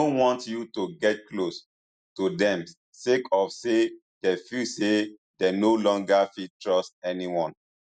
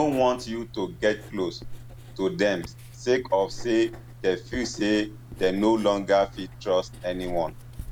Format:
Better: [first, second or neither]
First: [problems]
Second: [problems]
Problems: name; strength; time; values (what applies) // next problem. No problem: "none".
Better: first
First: none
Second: background sound (Writing); 14 dB below the speech